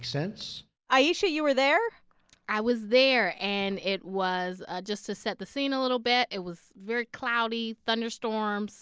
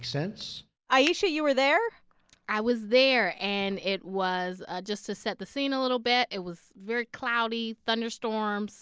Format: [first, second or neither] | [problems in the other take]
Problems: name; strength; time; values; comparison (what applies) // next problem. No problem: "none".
first | background sound (Finger snapping); 10 dB below the speech